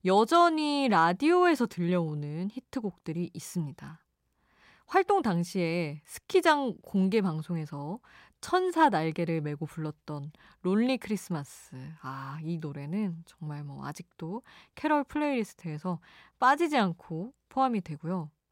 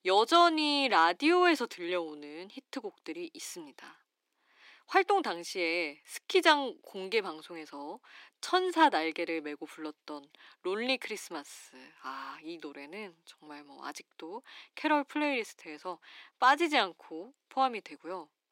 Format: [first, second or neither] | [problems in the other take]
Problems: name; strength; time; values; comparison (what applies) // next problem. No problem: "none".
first | thin; somewhat; fading below 300 Hz